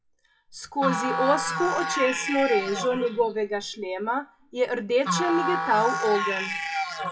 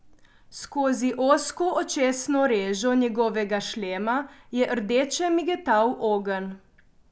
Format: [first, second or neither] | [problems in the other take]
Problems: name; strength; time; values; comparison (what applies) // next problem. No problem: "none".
second | noise reduction (classical method WPE with log-MMSE)